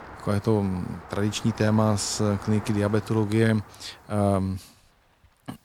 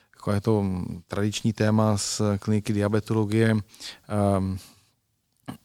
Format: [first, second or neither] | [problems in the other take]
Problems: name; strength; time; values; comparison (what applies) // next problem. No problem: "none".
second | rain or running water; noticeable; throughout; 15 dB below the speech